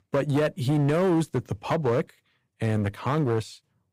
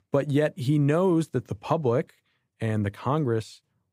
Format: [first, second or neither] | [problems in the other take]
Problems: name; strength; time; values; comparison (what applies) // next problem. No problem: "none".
second | distortion; slight; 12% of the sound clipped